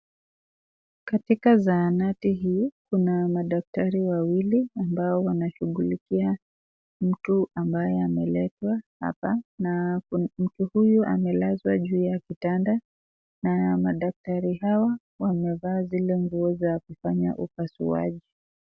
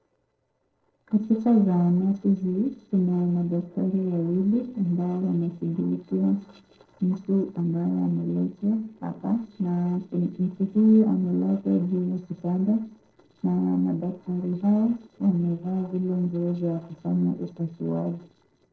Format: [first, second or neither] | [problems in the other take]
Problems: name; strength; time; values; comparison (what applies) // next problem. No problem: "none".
first | noise reduction (neural separator model SepFormer DNS4)